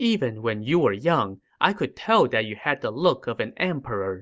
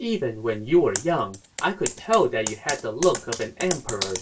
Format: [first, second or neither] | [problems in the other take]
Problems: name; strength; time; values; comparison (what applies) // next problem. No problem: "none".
first | background sound (Computer keyboard); 10 dB below the speech // room echo; dies away in 0.1 s